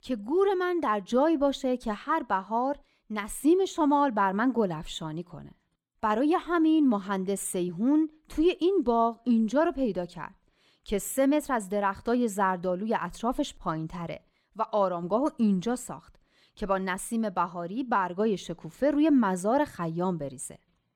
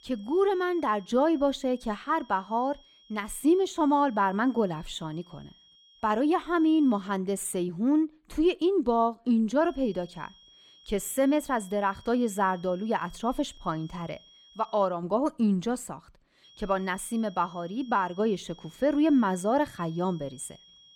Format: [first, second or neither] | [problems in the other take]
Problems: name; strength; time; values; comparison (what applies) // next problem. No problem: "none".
first | high-pitched whine; faint; until 7 s, from 9.5 to 15 s and from 16 s on; 3.5 kHz, 25 dB below the speech